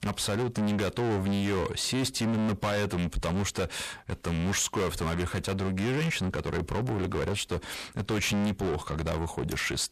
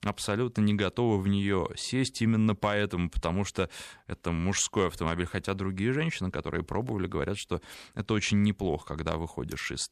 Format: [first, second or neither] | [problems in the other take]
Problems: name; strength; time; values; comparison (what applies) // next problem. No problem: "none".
second | distortion; heavy; 6 dB below the speech